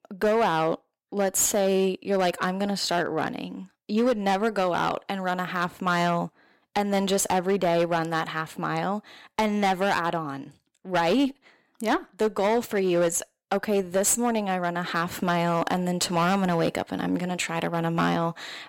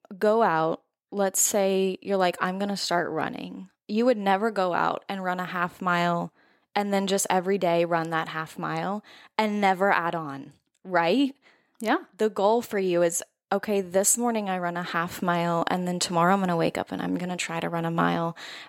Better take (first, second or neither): second